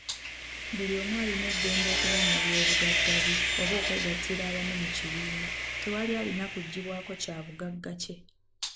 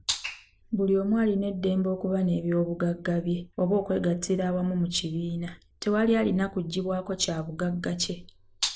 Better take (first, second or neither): second